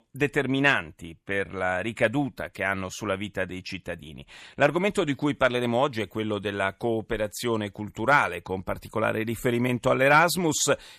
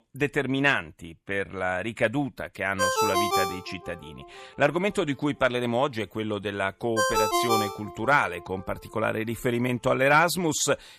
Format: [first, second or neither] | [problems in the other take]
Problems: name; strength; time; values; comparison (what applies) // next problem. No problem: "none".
first | phone ringing; loud; from 3 to 8 s; peak 3 dB above the speech